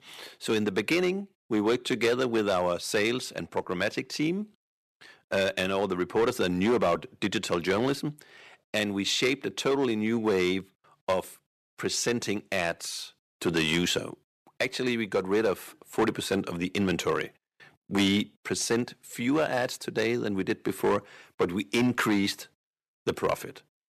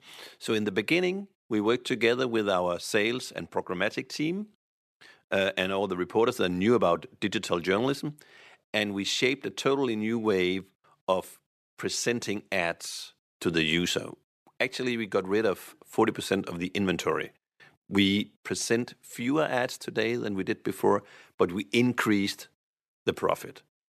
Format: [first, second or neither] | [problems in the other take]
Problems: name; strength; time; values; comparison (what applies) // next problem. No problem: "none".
second | distortion; slight; 4% of the sound clipped